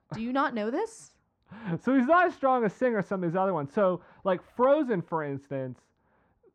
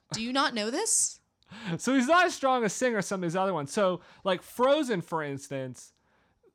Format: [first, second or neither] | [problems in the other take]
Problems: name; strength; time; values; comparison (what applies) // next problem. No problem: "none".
second | muffled; very; fading above 3.5 kHz